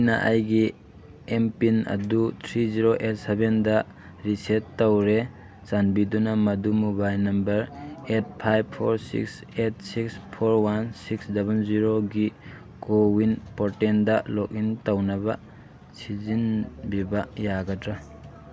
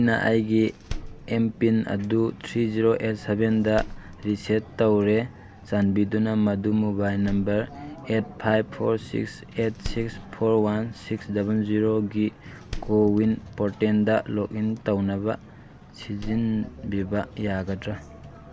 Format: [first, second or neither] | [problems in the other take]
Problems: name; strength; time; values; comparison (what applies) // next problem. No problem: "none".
first | background sound (Door); 17 dB below the speech